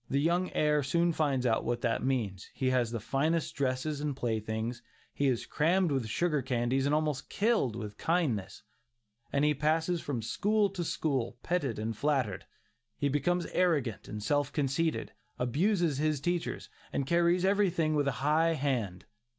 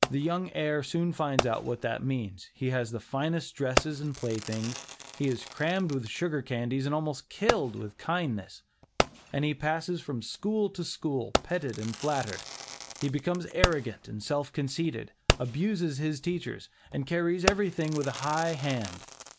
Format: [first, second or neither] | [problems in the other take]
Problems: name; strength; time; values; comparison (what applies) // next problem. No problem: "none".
first | background sound (Fireworks); 5 dB below the speech